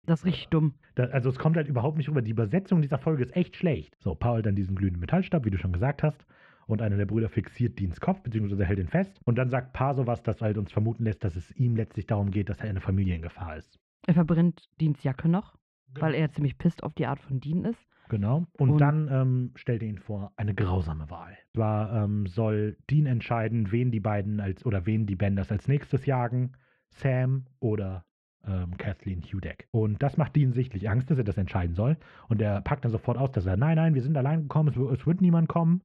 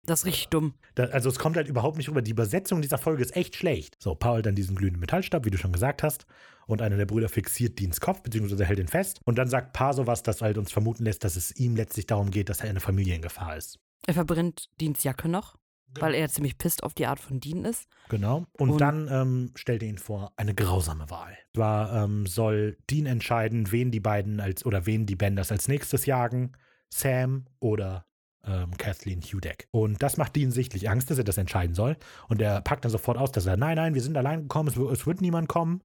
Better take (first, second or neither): second